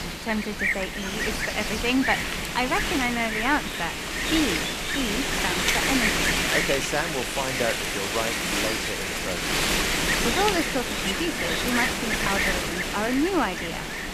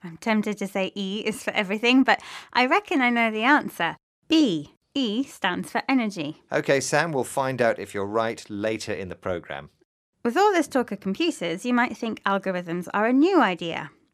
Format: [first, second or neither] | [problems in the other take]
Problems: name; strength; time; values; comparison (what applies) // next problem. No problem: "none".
second | wind noise on the microphone; heavy; 4 dB above the speech